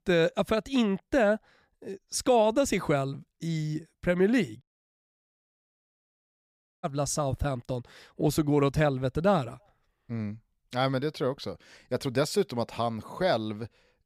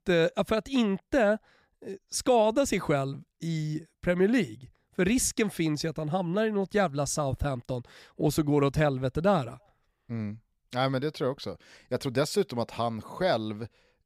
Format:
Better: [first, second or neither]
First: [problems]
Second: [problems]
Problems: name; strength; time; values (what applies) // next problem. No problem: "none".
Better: second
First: audio cutting out; at 4.5 s for 2 s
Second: none